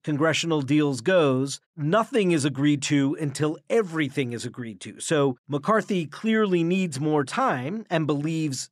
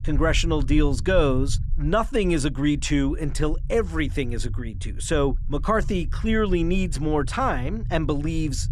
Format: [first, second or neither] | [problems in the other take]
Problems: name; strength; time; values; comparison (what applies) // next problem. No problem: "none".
first | low rumble; faint; throughout; 25 dB below the speech